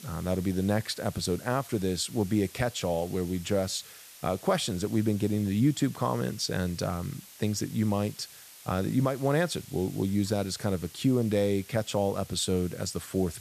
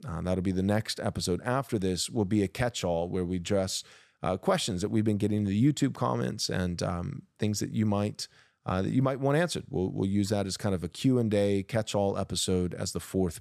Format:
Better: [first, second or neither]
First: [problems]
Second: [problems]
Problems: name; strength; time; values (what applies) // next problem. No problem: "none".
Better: second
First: hiss; noticeable; throughout; 20 dB below the speech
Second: none